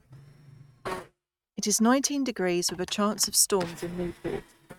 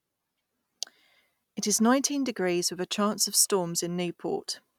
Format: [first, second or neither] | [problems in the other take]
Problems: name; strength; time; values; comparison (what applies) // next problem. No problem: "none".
second | noise reduction (neural mask model RNNoise)